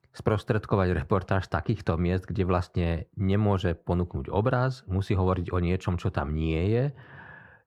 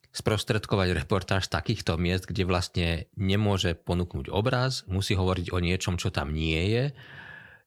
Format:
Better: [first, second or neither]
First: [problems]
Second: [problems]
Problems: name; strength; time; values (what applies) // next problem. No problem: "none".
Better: second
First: muffled; very; fading above 2.5 kHz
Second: none